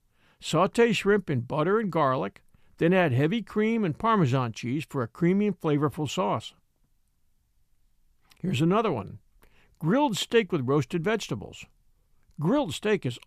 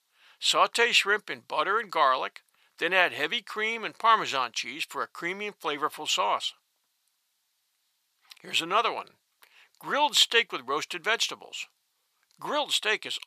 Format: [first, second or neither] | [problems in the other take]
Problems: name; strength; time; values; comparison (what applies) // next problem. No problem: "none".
first | thin; very; fading below 900 Hz